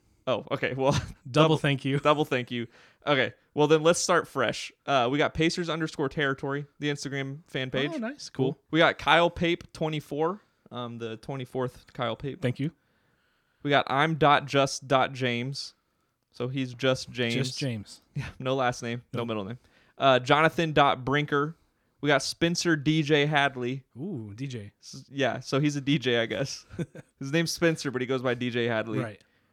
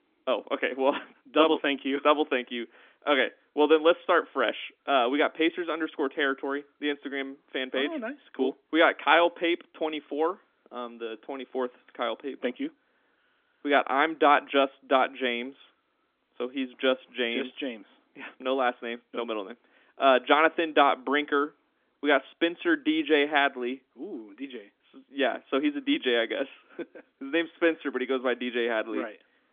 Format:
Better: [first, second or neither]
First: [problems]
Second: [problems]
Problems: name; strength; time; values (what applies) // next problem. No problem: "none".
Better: first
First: none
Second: phone-call audio; nothing above 3.5 kHz